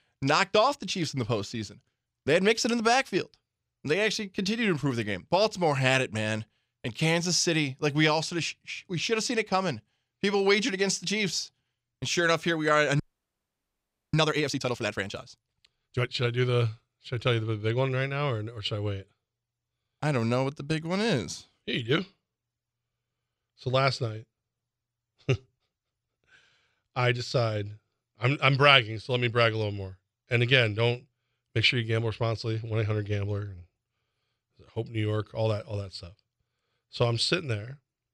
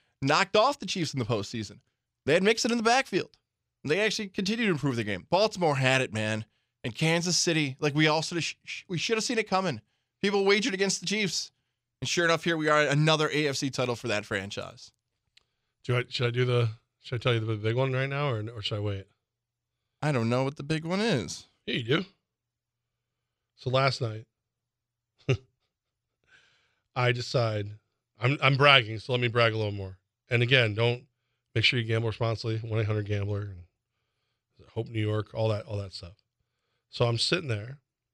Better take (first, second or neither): second